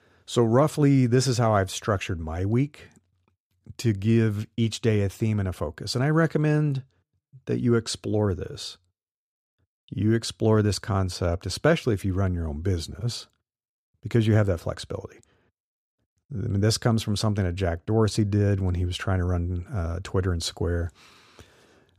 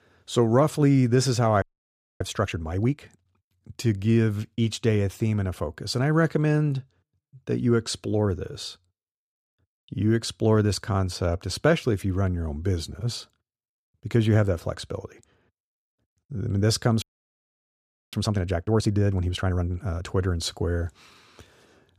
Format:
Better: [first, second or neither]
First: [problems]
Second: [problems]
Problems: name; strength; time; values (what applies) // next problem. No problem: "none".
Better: first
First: none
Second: audio freezing; at 1.5 s for 0.5 s and at 17 s for 1 s